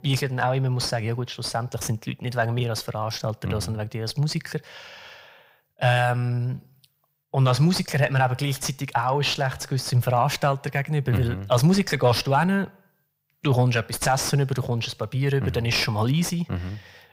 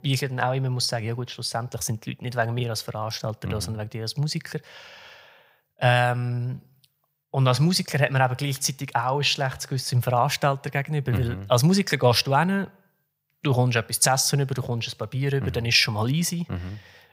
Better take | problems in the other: second | distortion; slight; 10 dB below the speech

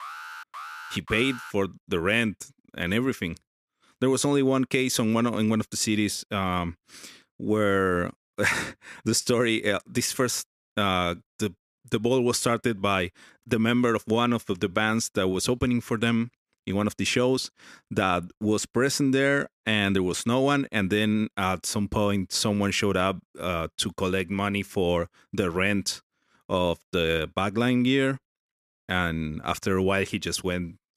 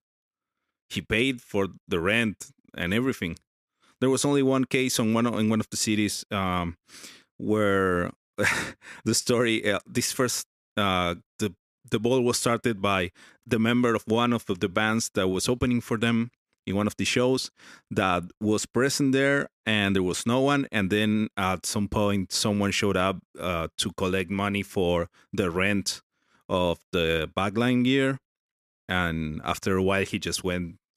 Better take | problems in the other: second | alarm; faint; until 1.5 s; peak 10 dB below the speech

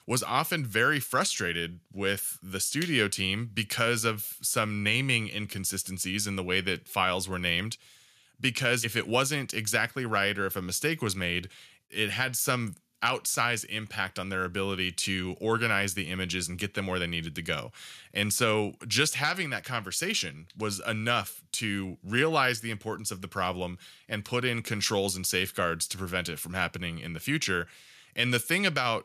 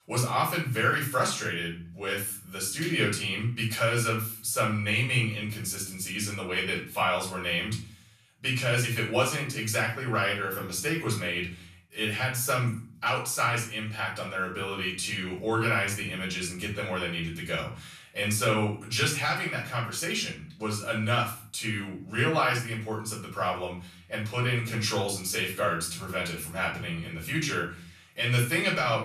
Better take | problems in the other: first | off-mic speech; far // room echo; slight; dies away in 0.4 s

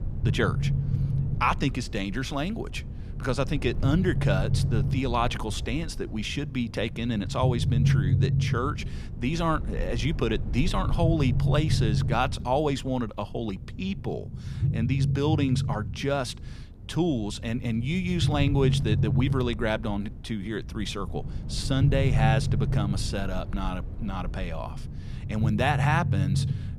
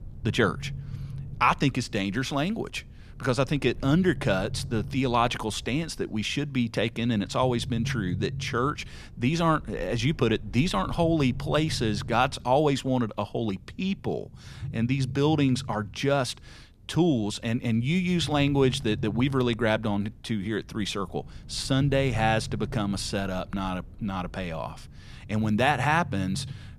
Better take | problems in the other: second | low rumble; loud; throughout; 10 dB below the speech; faint in the second

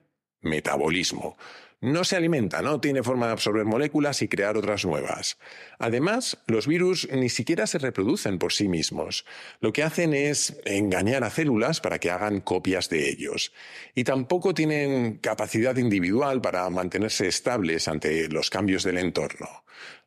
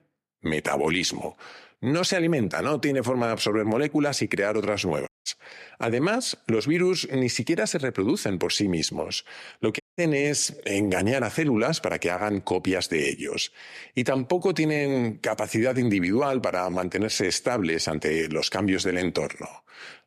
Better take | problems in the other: first | audio cutting out; at 5 s and at 10 s

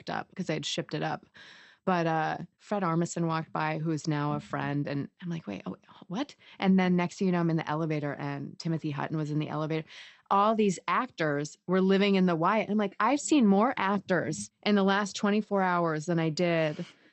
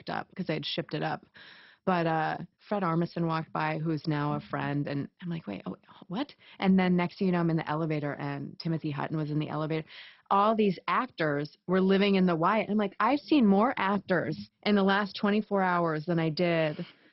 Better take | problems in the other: first | garbled, watery; badly; nothing above 5.5 kHz; slightly in the first

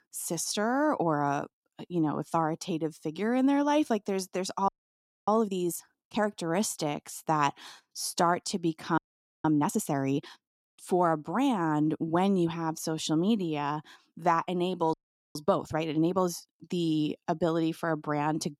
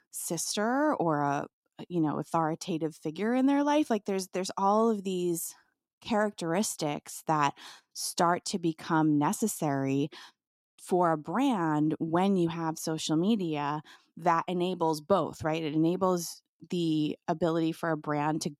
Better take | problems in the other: second | audio freezing; at 4.5 s for 0.5 s, at 9 s and at 15 s

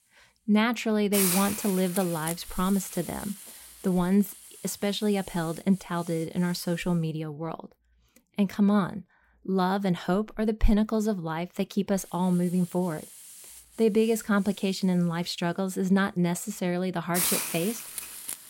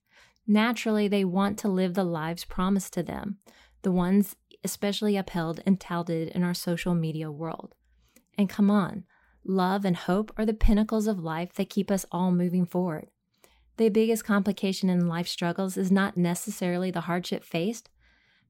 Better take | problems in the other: second | hiss; loud; until 7 s and from 12 s on; 5 dB below the speech

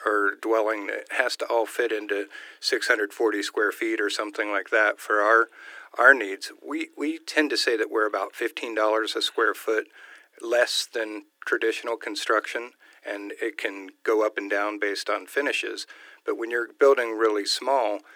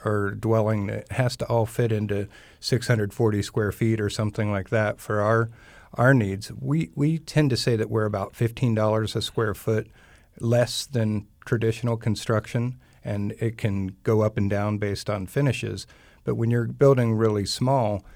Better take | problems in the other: second | thin; very; fading below 300 Hz

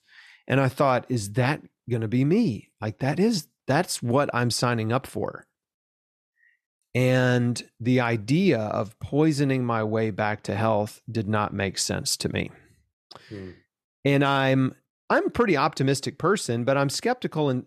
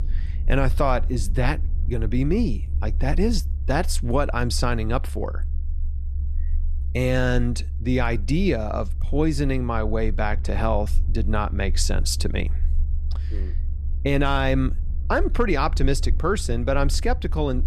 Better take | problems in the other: first | low rumble; faint; throughout; 20 dB below the speech

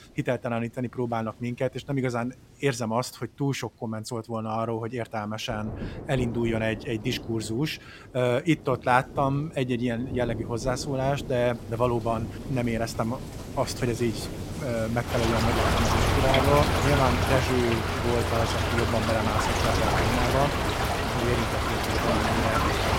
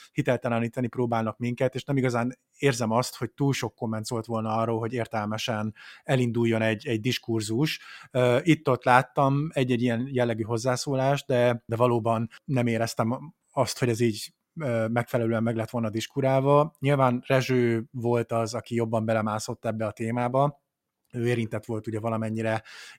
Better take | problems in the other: second | rain or running water; very loud; throughout; as loud as the speech

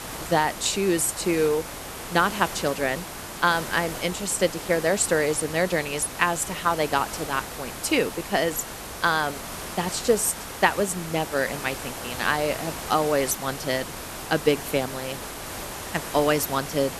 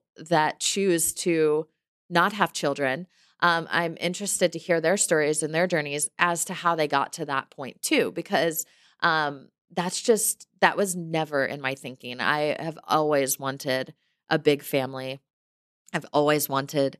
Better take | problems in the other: second | hiss; loud; throughout; 9 dB below the speech

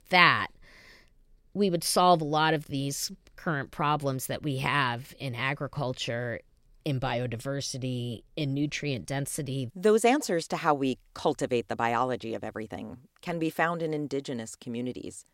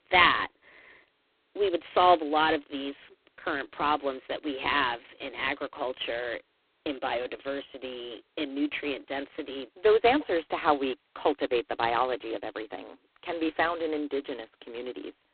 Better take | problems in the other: first | phone-call audio; poor line; nothing above 4 kHz

